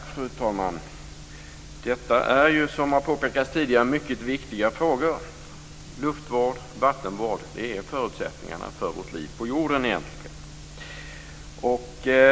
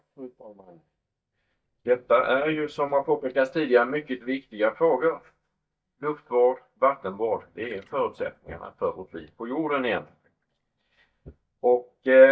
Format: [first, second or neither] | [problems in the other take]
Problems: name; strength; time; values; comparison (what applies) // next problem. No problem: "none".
first | noise reduction (neural mask model DeepFilterNet 3)